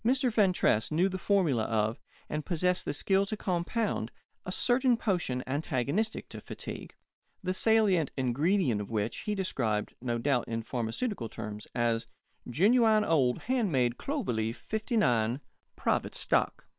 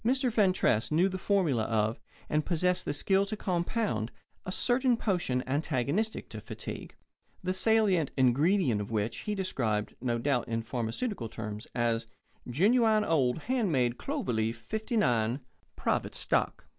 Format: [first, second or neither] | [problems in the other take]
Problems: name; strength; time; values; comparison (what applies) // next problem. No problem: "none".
second | noise reduction (neural separator model SepFormer WHAM!)